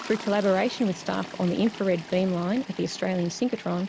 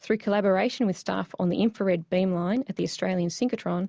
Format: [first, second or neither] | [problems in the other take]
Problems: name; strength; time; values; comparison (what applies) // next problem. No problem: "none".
second | background sound (Toilet flush); 15 dB below the speech